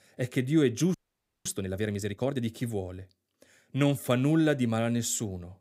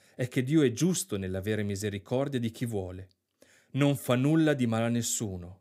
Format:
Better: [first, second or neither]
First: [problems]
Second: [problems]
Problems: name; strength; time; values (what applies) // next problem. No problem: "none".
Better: second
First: audio freezing; at 1 s for 0.5 s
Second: none